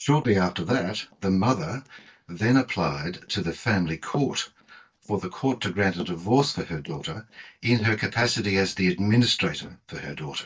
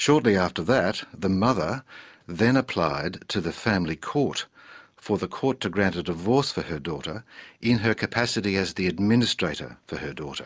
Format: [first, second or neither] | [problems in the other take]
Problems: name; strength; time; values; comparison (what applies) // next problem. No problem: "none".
second | noise reduction (neural mask model DeepFilterNet 3)